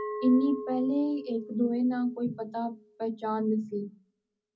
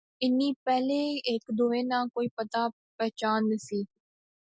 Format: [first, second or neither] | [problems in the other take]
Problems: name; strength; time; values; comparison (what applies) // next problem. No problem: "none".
second | background sound (Glass); 12 dB below the speech // room echo; dies away in 0.4 s